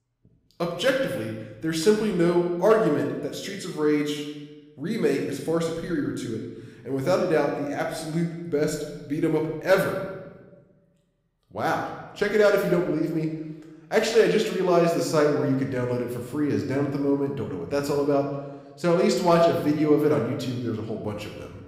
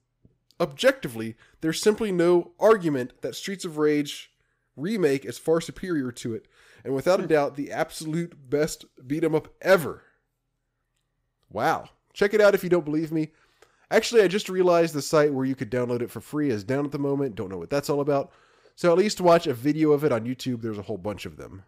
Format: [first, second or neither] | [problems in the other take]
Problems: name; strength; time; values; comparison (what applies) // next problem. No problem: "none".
second | room echo; noticeable; dies away in 1 s // off-mic speech; somewhat distant